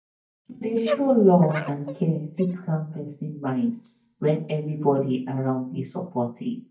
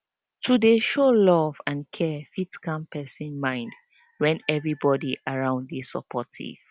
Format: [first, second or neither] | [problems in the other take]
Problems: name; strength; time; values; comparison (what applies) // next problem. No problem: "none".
second | noise reduction (neural mask model DeepFilterNet 3)